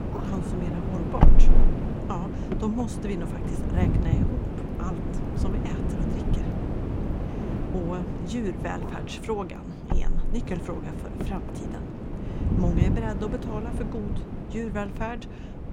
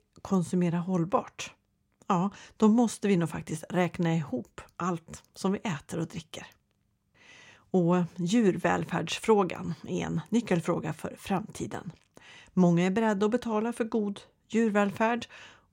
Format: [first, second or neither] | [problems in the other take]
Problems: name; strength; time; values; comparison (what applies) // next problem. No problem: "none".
second | wind noise on the microphone; heavy; as loud as the speech